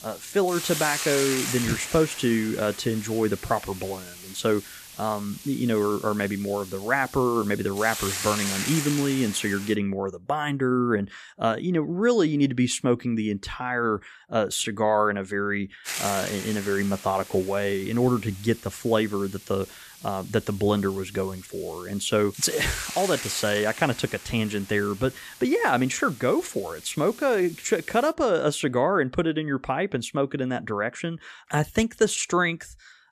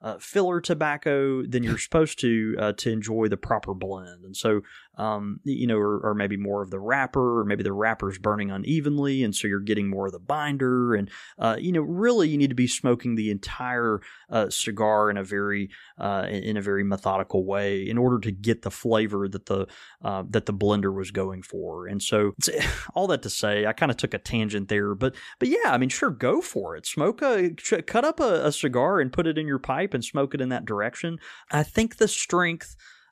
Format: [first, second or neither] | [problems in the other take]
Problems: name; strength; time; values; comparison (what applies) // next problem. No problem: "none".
second | hiss; loud; until 9.5 s and from 16 to 28 s; 9 dB below the speech